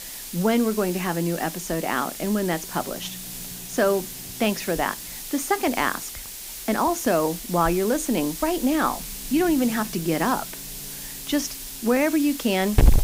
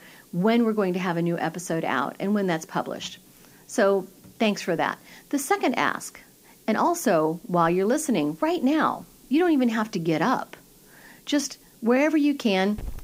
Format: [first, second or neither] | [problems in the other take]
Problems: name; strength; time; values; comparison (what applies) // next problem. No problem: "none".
second | hiss; loud; throughout; 8 dB below the speech; faint in the second